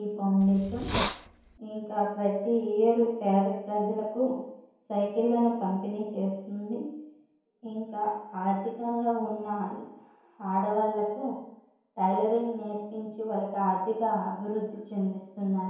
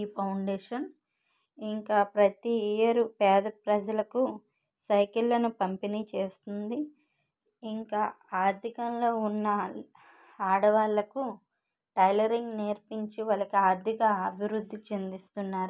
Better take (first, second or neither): second